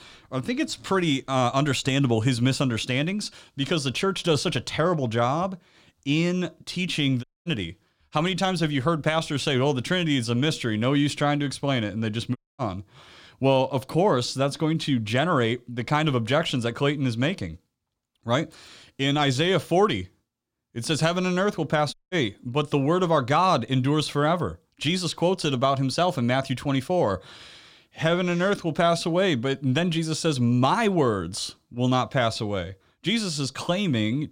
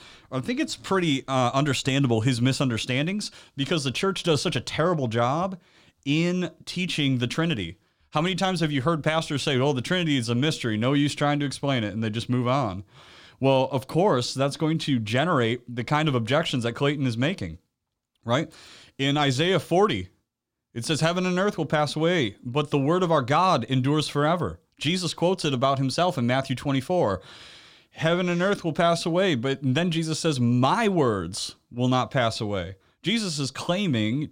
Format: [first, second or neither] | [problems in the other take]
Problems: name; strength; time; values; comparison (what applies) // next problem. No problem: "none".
second | audio cutting out; at 7 s, at 12 s and at 22 s